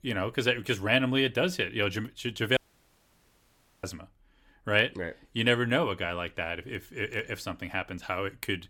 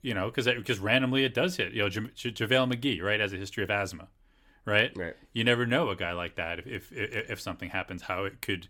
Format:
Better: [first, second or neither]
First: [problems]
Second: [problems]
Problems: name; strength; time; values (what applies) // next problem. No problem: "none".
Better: second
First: audio cutting out; at 2.5 s for 1.5 s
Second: none